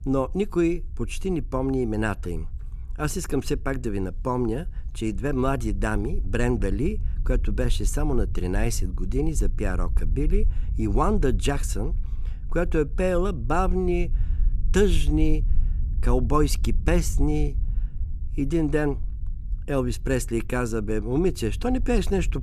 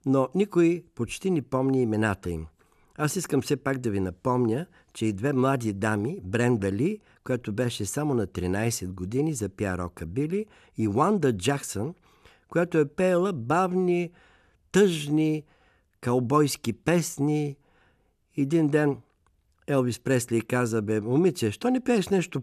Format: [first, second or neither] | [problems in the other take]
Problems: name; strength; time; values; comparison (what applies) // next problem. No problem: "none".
second | low rumble; faint; throughout; 20 dB below the speech